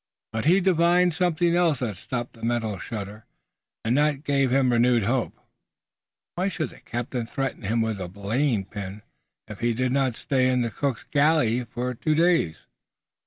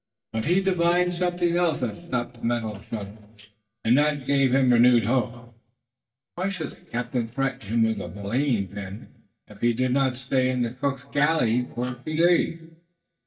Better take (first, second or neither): first